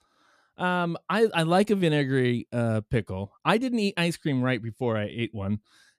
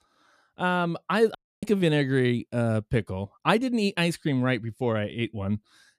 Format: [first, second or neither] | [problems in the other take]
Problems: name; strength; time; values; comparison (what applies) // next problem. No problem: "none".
first | audio cutting out; at 1.5 s